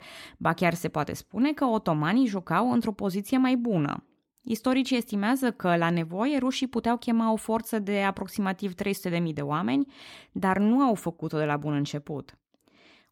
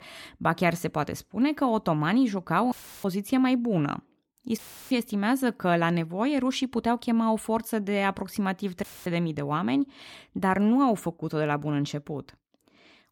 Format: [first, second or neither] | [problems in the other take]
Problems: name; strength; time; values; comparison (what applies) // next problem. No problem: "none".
first | audio cutting out; filled with static; at 2.5 s, at 4.5 s and at 9 s